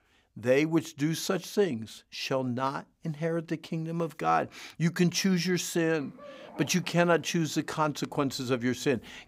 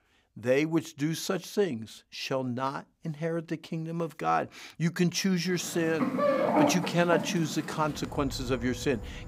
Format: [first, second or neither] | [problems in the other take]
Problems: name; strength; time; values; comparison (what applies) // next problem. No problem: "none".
first | animal sounds; loud; from 5.5 s on; 1 dB below the speech; faint in the first